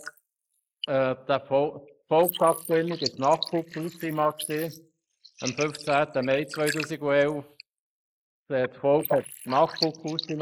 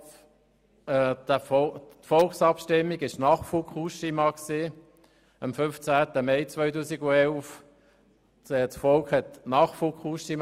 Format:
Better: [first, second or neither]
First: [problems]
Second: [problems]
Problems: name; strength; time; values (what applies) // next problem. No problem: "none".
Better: second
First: noise reduction (neural mask model Resemble Enhance denoiser)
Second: none